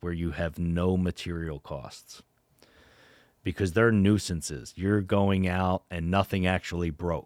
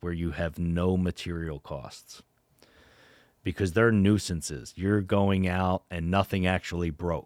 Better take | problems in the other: neither | none

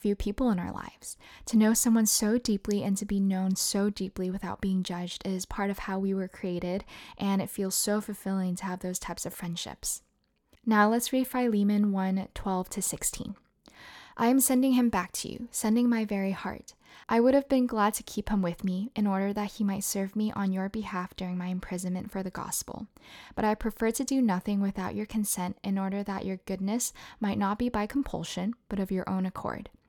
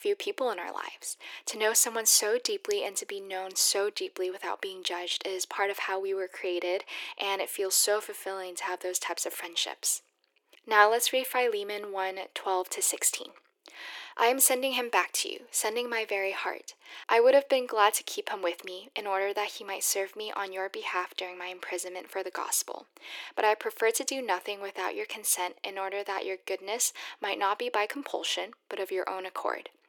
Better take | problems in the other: first | thin; very; fading below 350 Hz

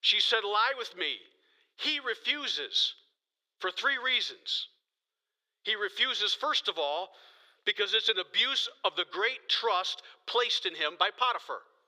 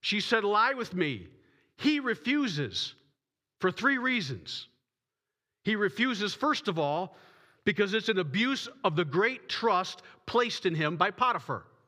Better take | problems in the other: second | thin; very; fading below 450 Hz

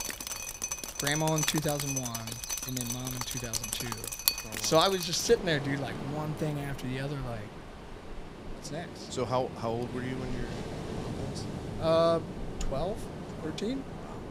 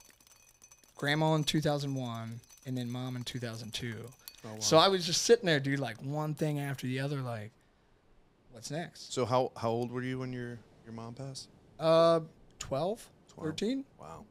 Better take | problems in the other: second | rain or running water; loud; throughout; 5 dB below the speech; faint in the second

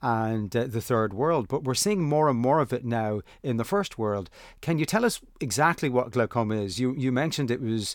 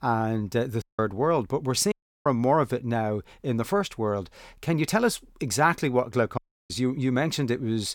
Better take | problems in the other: first | audio cutting out; at 1 s, at 2 s and at 6.5 s

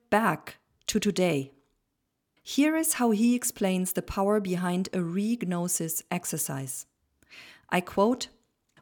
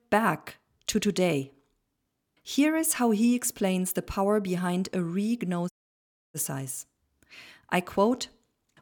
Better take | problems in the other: first | audio cutting out; at 5.5 s for 0.5 s

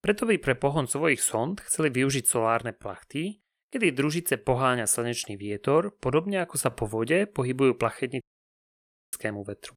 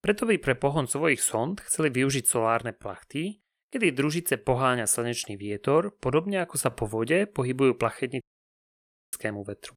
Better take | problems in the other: neither | audio cutting out; at 8 s for 1 s; the same in both

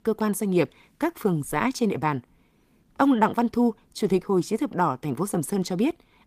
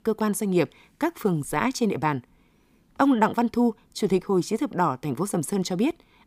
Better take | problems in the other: second | garbled, watery; slightly

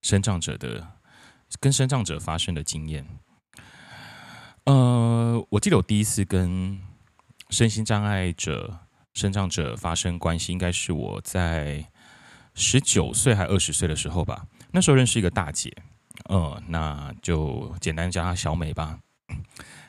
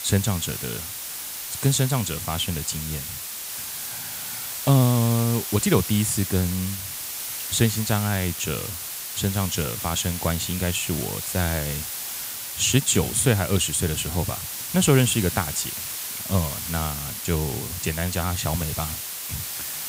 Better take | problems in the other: first | hiss; loud; throughout; 5 dB below the speech

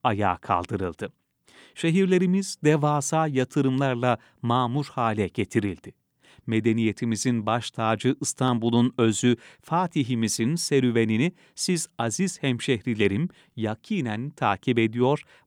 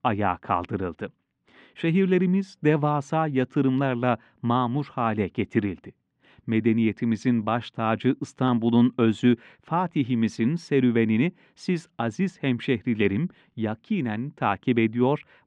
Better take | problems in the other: first | muffled; very; fading above 2.5 kHz

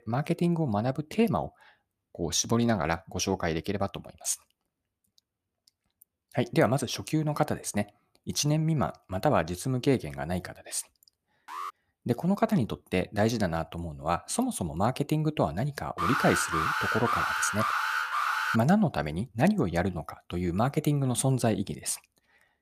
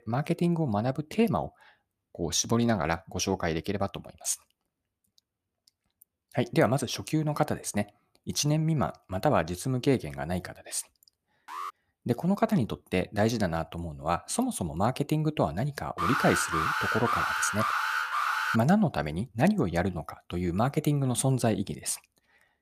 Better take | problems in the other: neither | alarm; faint; at 11 s; peak 10 dB below the speech; the same in both // alarm; loud; from 16 to 19 s; peak 1 dB above the speech; the same in both

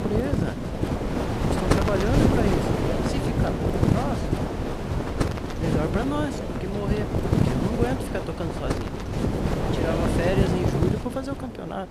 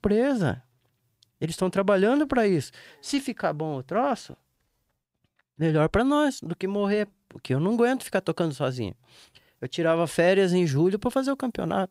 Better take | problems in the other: second | wind noise on the microphone; heavy; 2 dB above the speech

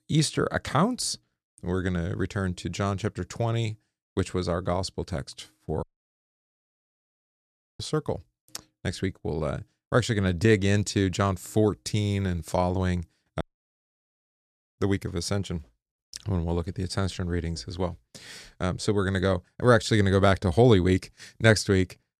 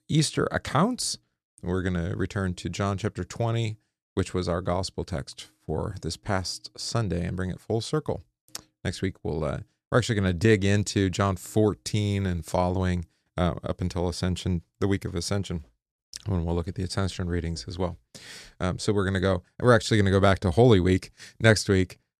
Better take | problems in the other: second | audio cutting out; at 6 s for 2 s and at 13 s for 1.5 s

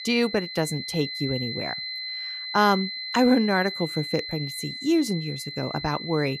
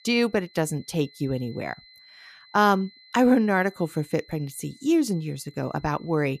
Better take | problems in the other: second | high-pitched whine; loud; throughout; 4 kHz, 6 dB below the speech; faint in the second

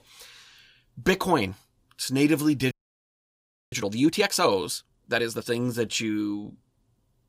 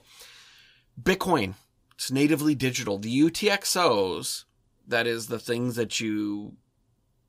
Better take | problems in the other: second | audio freezing; at 2.5 s for 1 s

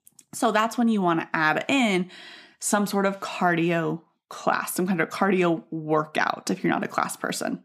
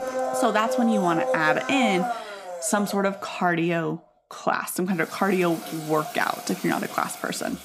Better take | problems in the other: first | household noises; loud; throughout; 6 dB below the speech

